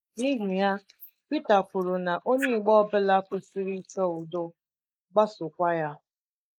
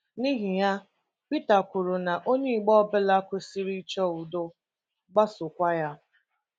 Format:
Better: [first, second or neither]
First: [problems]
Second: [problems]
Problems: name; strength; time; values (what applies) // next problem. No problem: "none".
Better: second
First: noise reduction (neural mask model Resemble Enhance denoiser)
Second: none